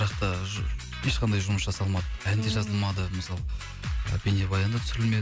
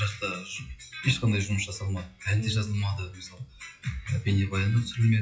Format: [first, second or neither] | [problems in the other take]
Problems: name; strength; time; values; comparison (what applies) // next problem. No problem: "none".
first | noise reduction (classical method WPE with log-MMSE)